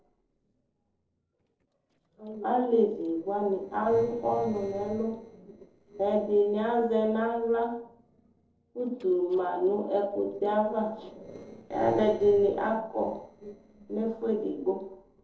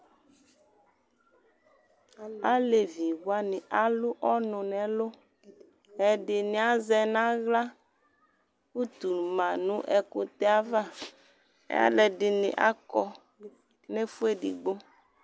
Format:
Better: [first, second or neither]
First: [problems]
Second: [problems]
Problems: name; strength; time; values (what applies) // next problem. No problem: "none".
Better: second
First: noise reduction (neural separator model SepFormer DNS4)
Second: none